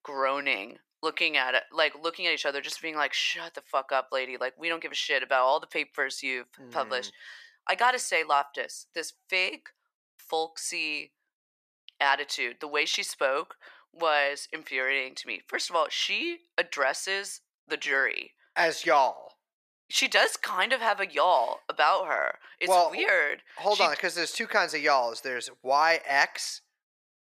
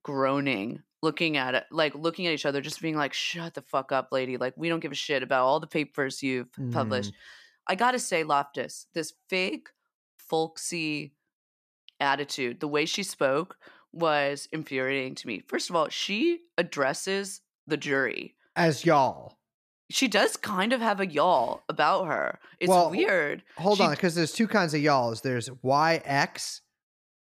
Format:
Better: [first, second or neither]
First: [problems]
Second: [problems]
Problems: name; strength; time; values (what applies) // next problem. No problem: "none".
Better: second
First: thin; very; fading below 650 Hz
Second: none